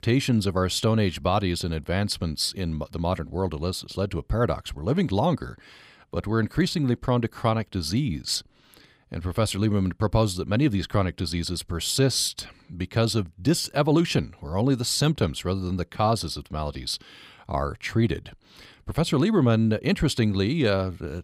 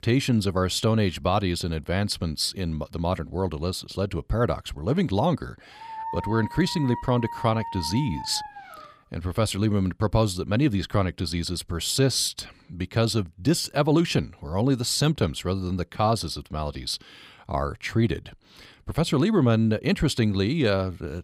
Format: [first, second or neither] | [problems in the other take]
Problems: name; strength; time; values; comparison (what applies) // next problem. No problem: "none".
first | dog barking; noticeable; from 6 to 9 s; peak 8 dB below the speech